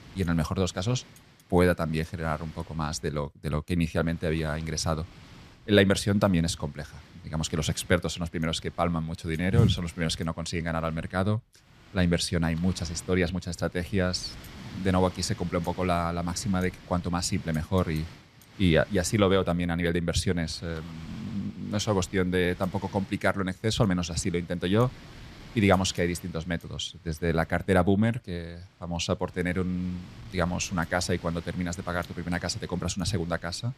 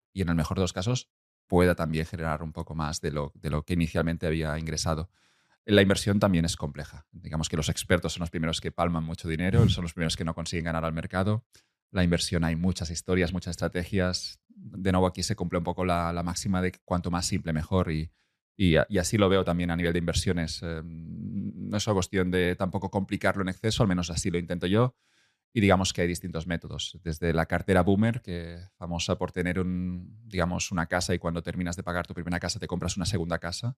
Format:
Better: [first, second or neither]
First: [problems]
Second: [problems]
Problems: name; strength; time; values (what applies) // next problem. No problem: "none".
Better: second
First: wind noise on the microphone; occasional gusts; 20 dB below the speech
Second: none